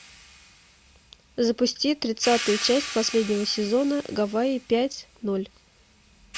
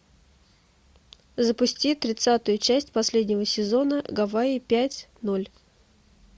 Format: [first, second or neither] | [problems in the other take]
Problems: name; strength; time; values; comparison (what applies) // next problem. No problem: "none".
second | background sound (Hi-hat); 12 dB below the speech